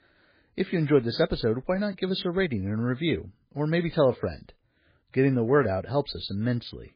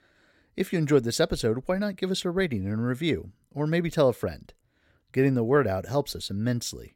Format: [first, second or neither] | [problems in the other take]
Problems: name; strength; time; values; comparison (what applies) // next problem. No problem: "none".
second | garbled, watery; badly; nothing above 4.5 kHz